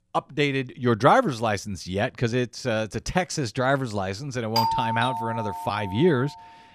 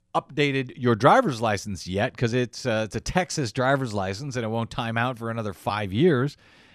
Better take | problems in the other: second | doorbell; loud; from 4.5 to 6 s; peak 1 dB above the speech

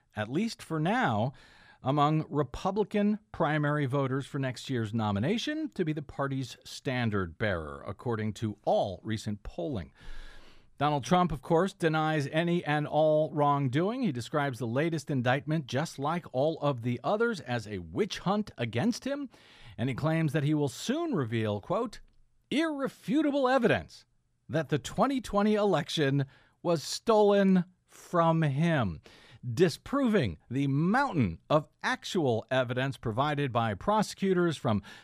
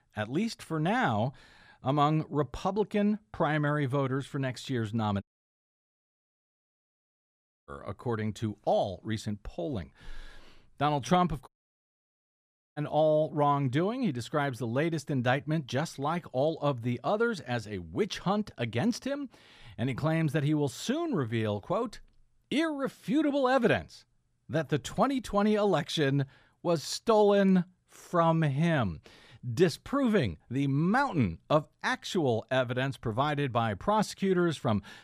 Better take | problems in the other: first | audio cutting out; at 5 s for 2.5 s and at 11 s for 1.5 s

